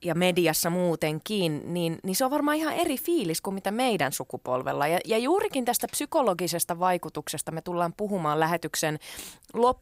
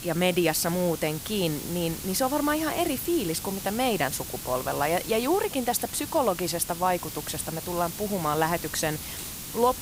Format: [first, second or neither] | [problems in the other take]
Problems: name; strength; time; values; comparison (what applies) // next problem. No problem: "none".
first | hiss; loud; throughout; 8 dB below the speech